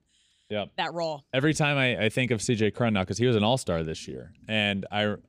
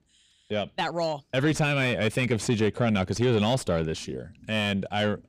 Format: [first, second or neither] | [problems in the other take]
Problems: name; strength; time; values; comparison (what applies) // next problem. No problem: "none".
first | distortion; slight; 10 dB below the speech